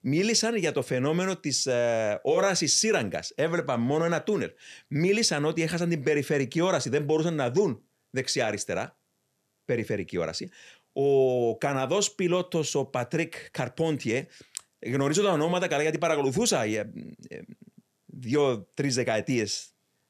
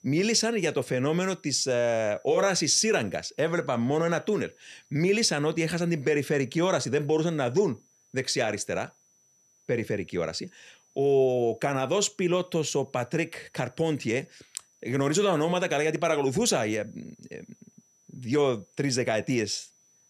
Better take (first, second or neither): first